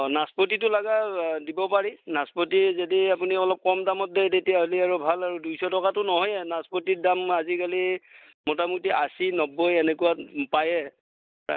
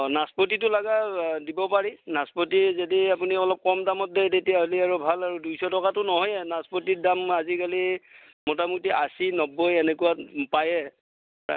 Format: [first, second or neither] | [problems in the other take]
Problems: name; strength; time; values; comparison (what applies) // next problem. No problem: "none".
second | noise reduction (neural mask model Resemble Enhance denoiser)